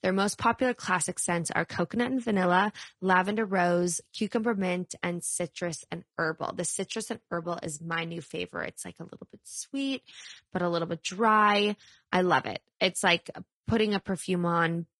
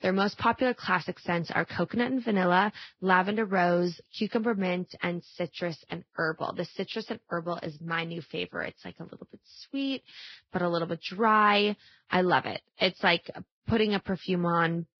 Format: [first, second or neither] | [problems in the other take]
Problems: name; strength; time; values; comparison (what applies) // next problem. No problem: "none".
first | garbled, watery; badly; nothing above 5.5 kHz; slightly in the first